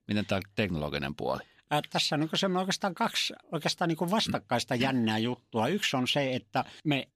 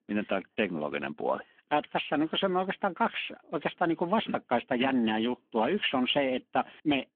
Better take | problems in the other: first | phone-call audio

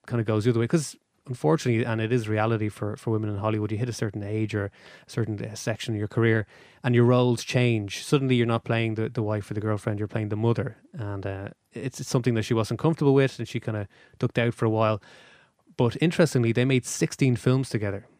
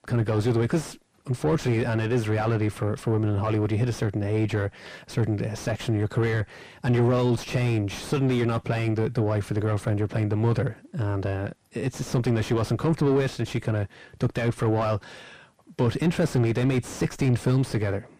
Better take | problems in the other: first | distortion; heavy; 5 dB below the speech

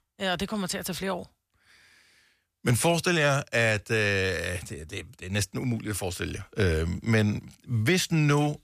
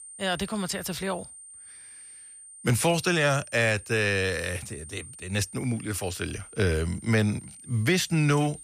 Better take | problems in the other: first | high-pitched whine; noticeable; throughout; 9 kHz, 15 dB below the speech

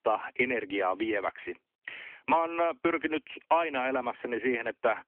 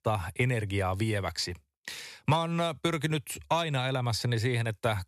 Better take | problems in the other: second | phone-call audio

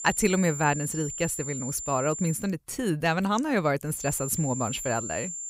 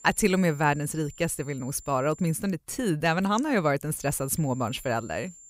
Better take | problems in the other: second | high-pitched whine; loud; until 2.5 s and from 4 s on; 7 kHz, 6 dB below the speech; faint in the second

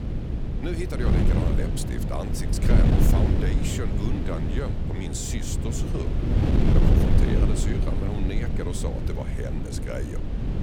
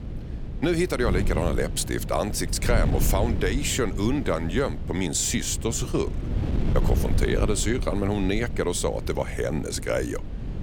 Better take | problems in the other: second | wind noise on the microphone; heavy; 1 dB above the speech; occasional gusts in the second

